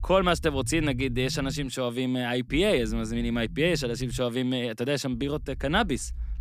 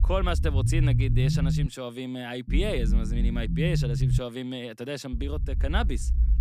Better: first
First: low rumble; faint; until 1.5 s, from 2.5 to 4 s and from 5 s on; 25 dB below the speech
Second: low rumble; loud; until 1.5 s, from 2.5 to 4 s and from 5 s on; 6 dB below the speech

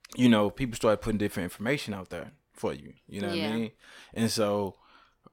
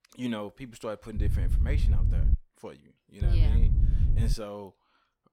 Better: first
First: none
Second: low rumble; loud; from 1 to 2.5 s and from 3 to 4.5 s; 4 dB below the speech

